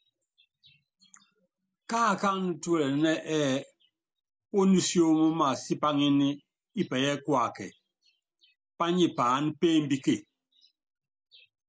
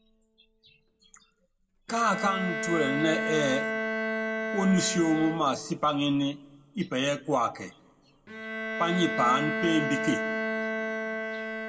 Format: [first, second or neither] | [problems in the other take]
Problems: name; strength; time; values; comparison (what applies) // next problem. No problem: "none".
first | background sound (Bowed string instrument); 4 dB below the speech // room echo; dies away in 0.8 s